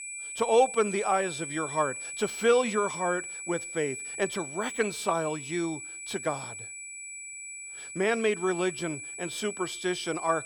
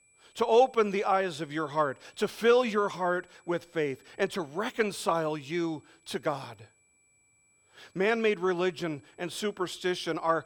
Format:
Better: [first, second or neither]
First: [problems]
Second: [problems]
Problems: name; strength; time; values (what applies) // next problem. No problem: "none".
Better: second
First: high-pitched whine; loud; throughout; 2.5 kHz, 8 dB below the speech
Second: high-pitched whine; faint; throughout; 2.5 kHz, 35 dB below the speech